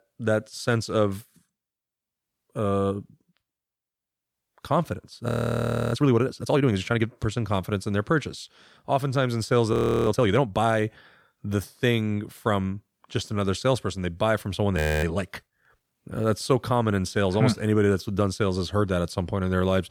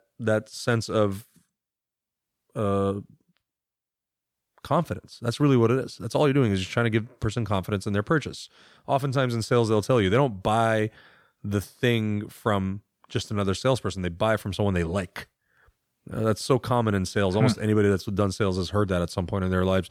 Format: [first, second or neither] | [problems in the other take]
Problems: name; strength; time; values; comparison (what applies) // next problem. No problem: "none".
second | audio freezing; at 5.5 s for 0.5 s, at 9.5 s and at 15 s